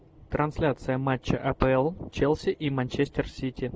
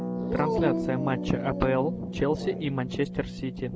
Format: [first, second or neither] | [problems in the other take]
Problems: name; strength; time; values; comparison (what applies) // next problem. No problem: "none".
first | background sound (Harp + Dog); 2 dB below the speech